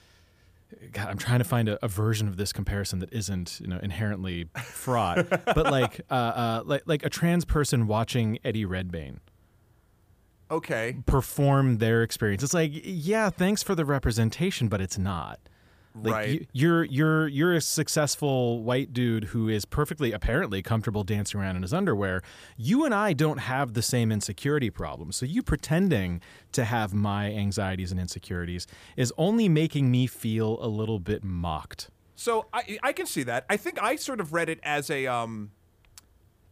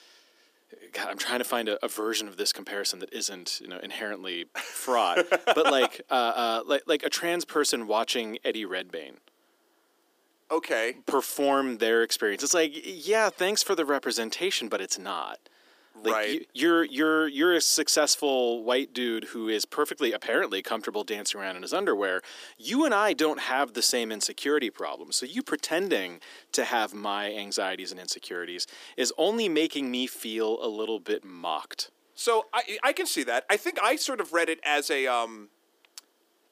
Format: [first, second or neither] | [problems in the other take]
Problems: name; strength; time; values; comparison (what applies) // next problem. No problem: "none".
first | thin; somewhat; fading below 300 Hz